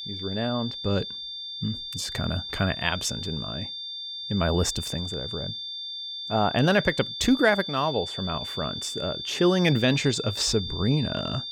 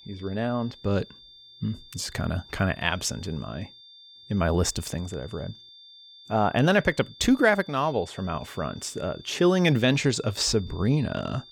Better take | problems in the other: second | high-pitched whine; loud; throughout; 3.5 kHz, 6 dB below the speech; faint in the second

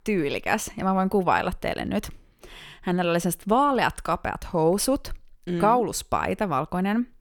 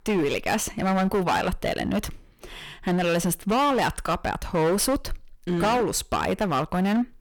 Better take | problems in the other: first | distortion; heavy; 15% of the sound clipped

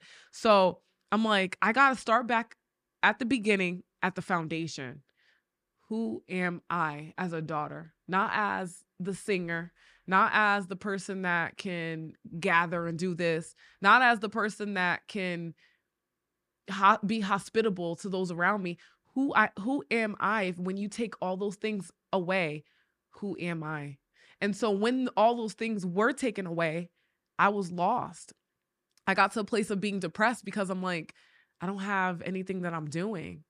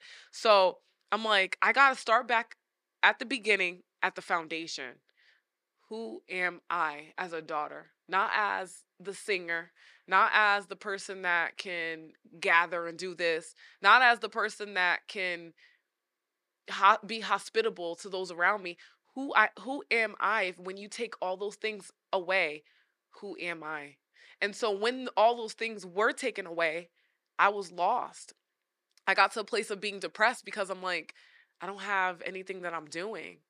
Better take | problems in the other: first | thin; somewhat; fading below 450 Hz

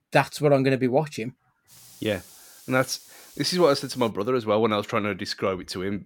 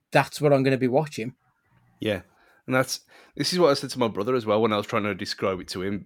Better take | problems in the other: second | hiss; faint; from 1.5 to 4 s; 20 dB below the speech

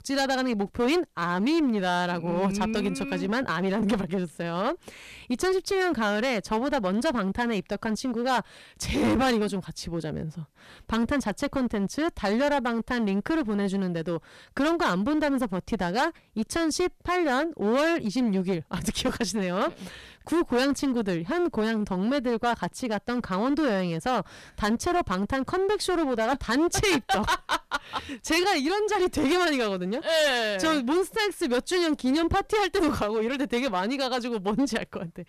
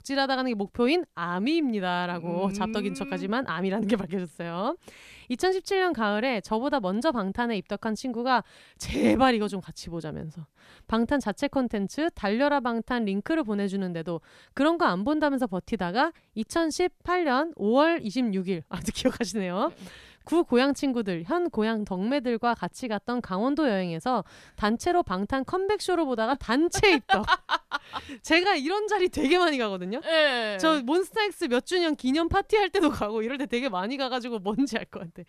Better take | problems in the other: second | distortion; heavy; 14% of the sound clipped

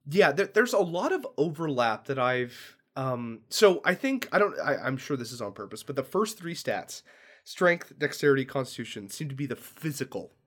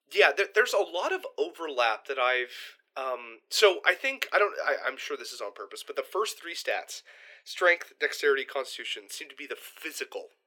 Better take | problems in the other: first | thin; very; fading below 400 Hz

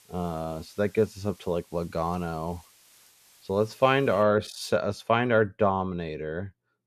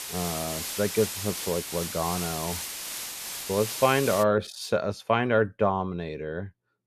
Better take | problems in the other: first | hiss; loud; until 4 s; 5 dB below the speech; faint in the first

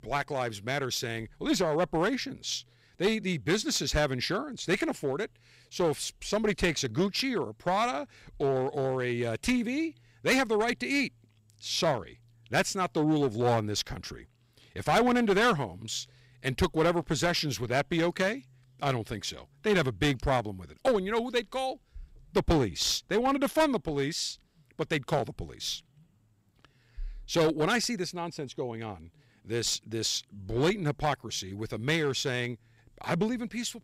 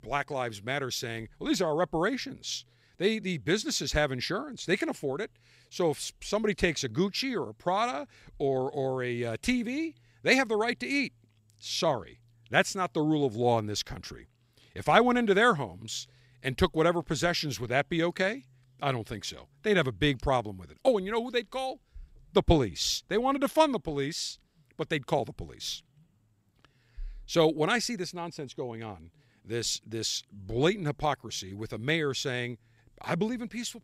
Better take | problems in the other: second | distortion; slight; 5% of the sound clipped

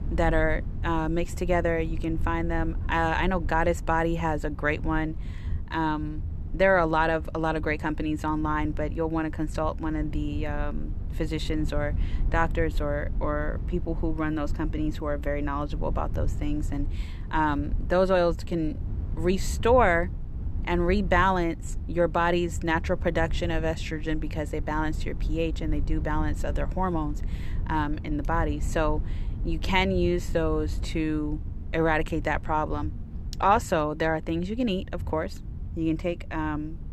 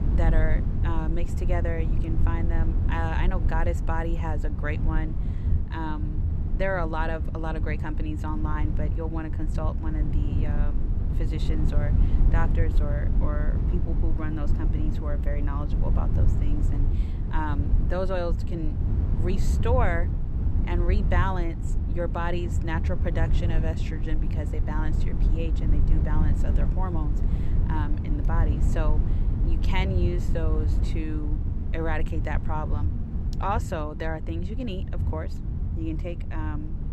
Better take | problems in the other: first | low rumble; loud; throughout; 7 dB below the speech; faint in the first

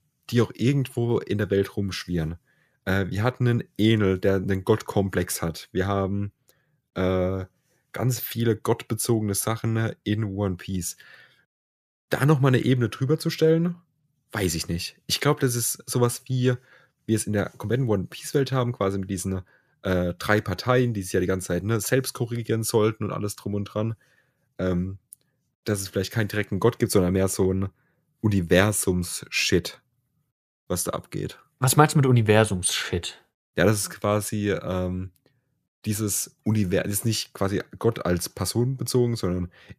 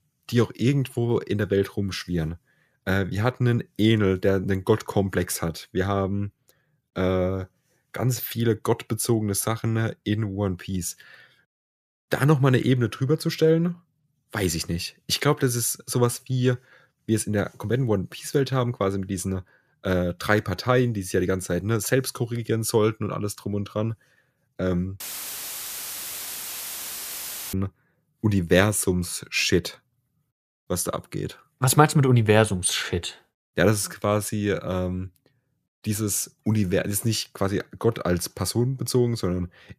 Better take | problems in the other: first | audio cutting out; filled with static; at 25 s for 2.5 s

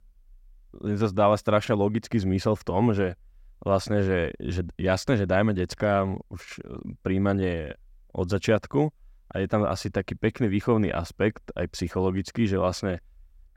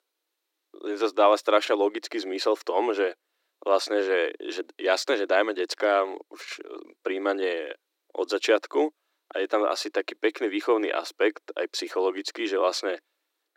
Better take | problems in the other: first | thin; very; fading below 300 Hz

